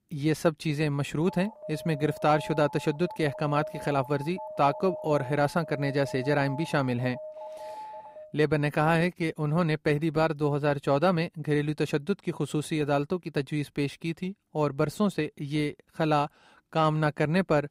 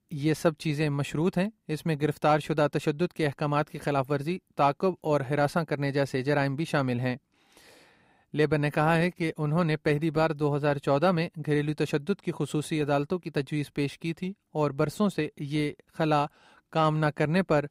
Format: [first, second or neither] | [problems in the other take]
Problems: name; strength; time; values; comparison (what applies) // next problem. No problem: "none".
second | alarm; faint; from 1.5 to 8.5 s; peak 10 dB below the speech